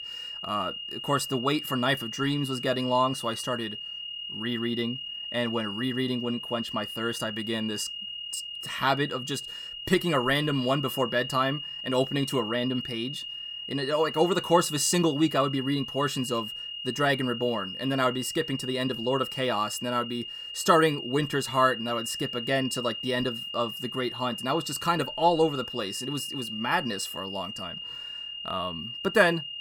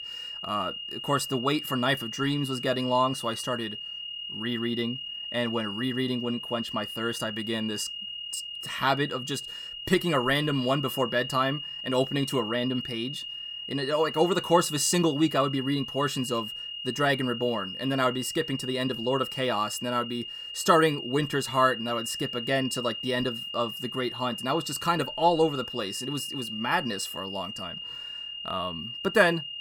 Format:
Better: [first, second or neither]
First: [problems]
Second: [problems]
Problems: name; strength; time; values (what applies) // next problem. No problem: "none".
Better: neither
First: high-pitched whine; loud; throughout; 3 kHz, 7 dB below the speech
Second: high-pitched whine; loud; throughout; 3 kHz, 7 dB below the speech